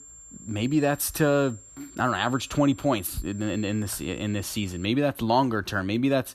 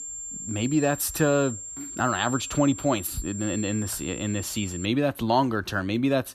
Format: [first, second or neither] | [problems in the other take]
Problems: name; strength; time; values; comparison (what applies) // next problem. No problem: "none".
first | high-pitched whine; loud; until 5 s; 7.5 kHz, 9 dB below the speech; faint in the first